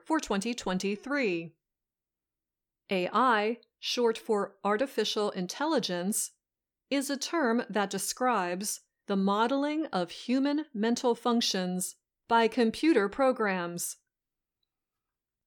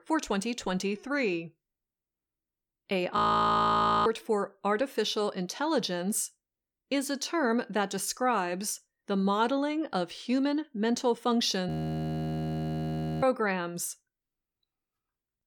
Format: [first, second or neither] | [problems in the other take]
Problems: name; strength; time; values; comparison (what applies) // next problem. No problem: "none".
first | audio freezing; at 3 s for 1 s and at 12 s for 1.5 s